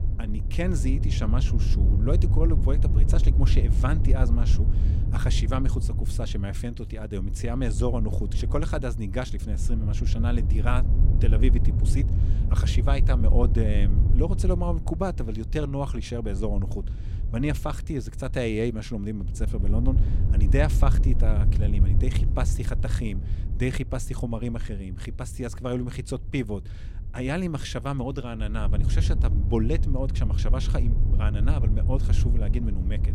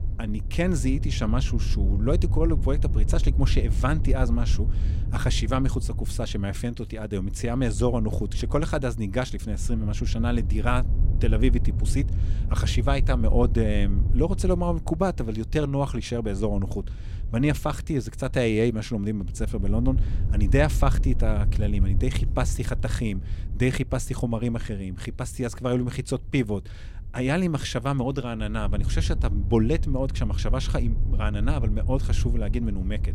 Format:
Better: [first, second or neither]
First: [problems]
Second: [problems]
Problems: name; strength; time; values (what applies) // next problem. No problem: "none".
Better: second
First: wind noise on the microphone; heavy; 8 dB below the speech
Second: wind noise on the microphone; occasional gusts; 15 dB below the speech